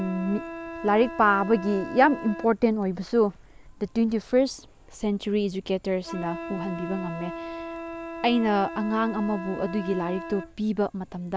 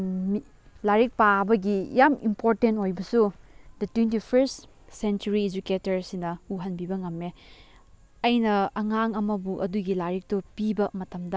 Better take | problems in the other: second | background sound (Wind instrument, woodwind instrument); 12 dB below the speech

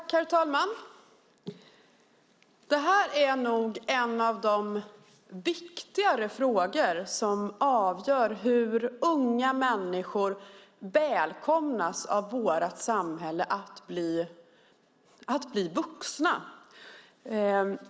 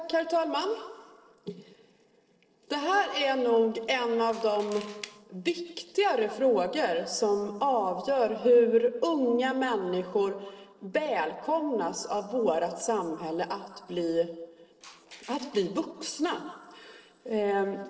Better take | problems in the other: first | noise reduction (neural separator model SepFormer DNS4)

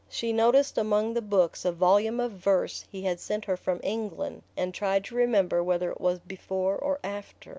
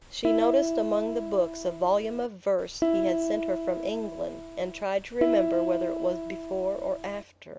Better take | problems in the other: first | background sound (Piano); 1 dB below the speech

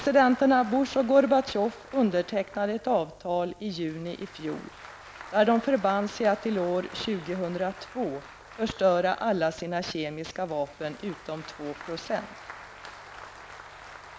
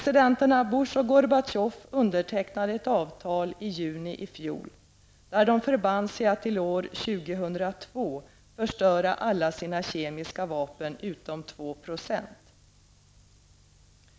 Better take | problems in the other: second | background sound (Applause); 19 dB below the speech

